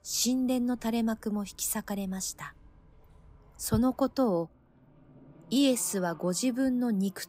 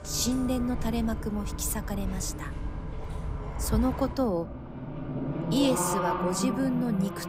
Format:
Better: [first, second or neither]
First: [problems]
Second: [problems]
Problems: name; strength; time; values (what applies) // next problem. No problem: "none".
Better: first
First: traffic noise; faint; throughout; 25 dB below the speech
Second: traffic noise; loud; throughout; 4 dB below the speech